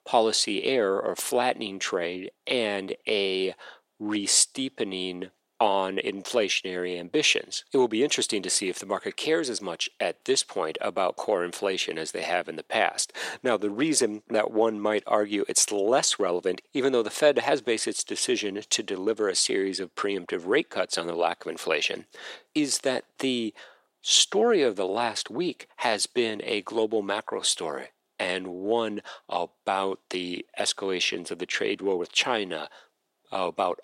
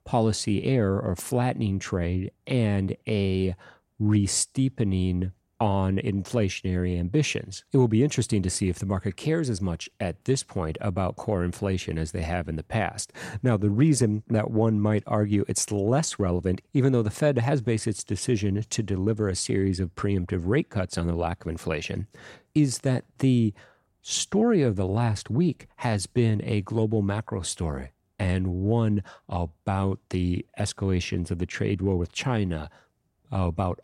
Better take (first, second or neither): second